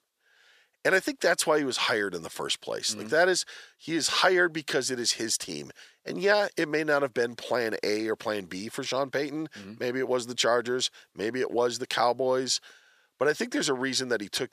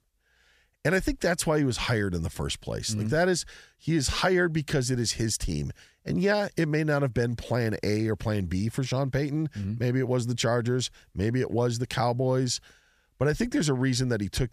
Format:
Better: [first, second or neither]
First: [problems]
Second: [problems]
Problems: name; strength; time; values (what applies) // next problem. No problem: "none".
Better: second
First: thin; somewhat; fading below 400 Hz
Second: none